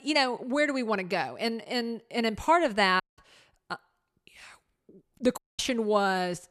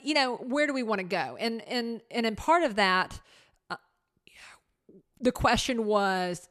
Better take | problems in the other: second | audio cutting out; at 3 s and at 5.5 s

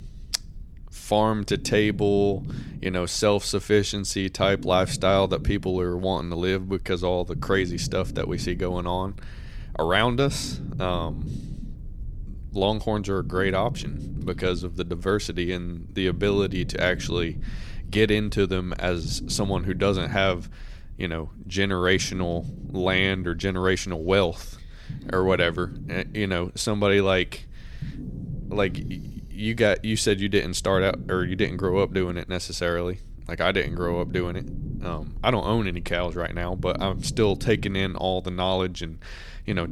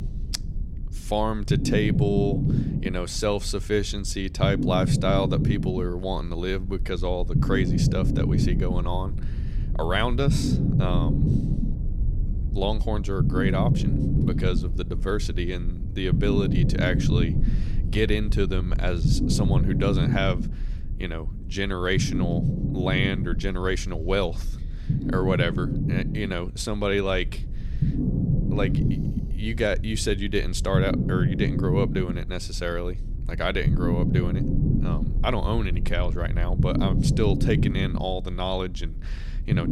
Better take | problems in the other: first | low rumble; loud; throughout; 6 dB below the speech; faint in the first

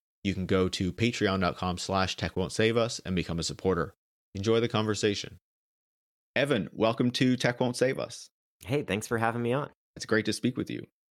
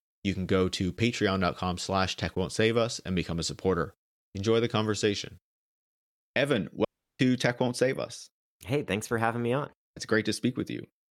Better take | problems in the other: first | audio cutting out; at 7 s

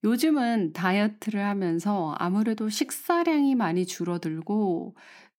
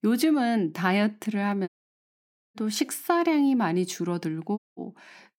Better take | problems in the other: first | audio cutting out; at 1.5 s for 1 s and at 4.5 s

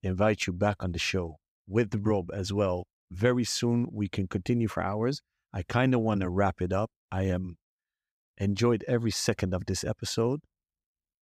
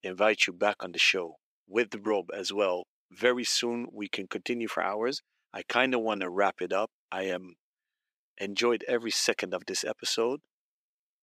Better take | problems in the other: first | thin; somewhat; fading below 300 Hz

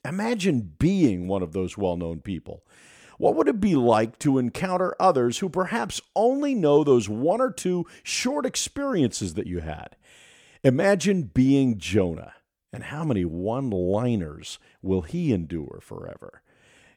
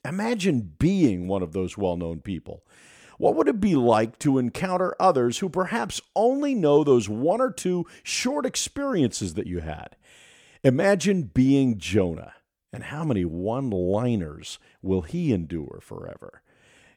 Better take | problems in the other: neither | none

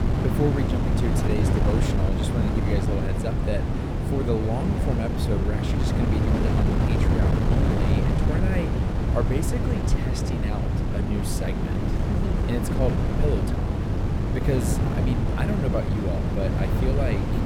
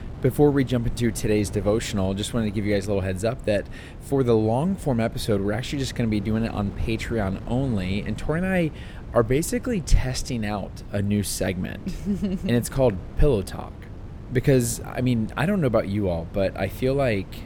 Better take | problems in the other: second | wind noise on the microphone; heavy; 1 dB above the speech; occasional gusts in the second

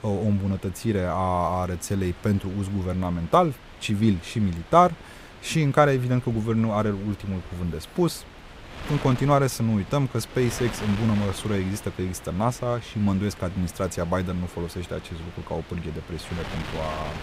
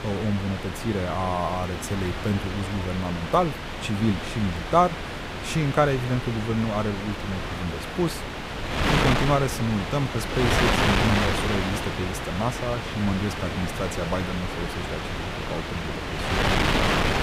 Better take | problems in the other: first | wind noise on the microphone; heavy; 1 dB above the speech; occasional gusts in the first

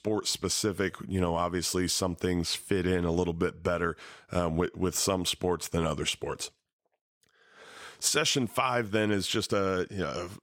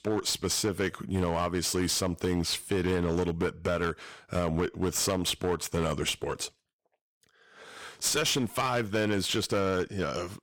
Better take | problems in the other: first | distortion; slight; 11% of the sound clipped

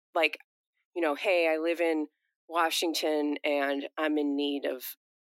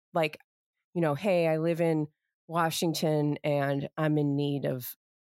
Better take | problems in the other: second | thin; very slightly; fading below 300 Hz

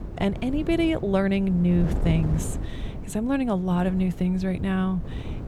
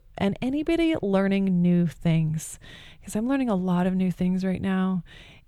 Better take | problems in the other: second | wind noise on the microphone; occasional gusts; 15 dB below the speech

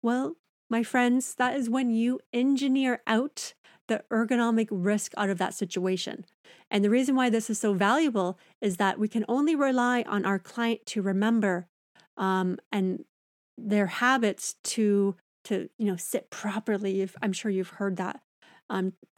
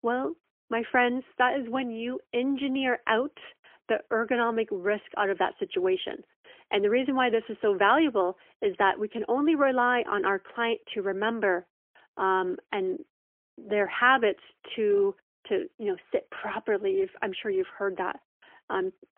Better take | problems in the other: first | phone-call audio; poor line; nothing above 3.5 kHz

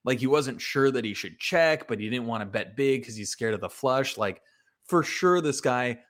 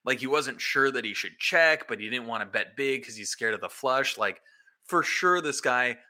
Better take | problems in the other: first | thin; somewhat; fading below 550 Hz

